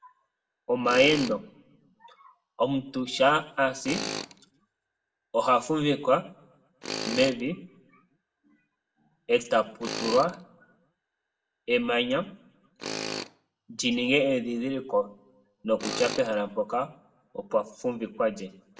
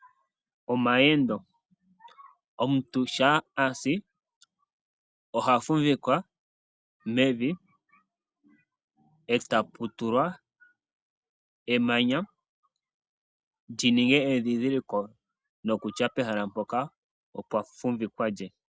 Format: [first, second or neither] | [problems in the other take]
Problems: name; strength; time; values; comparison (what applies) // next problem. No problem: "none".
second | background sound (Tools); 13 dB below the speech // room echo; dies away in 0.5 s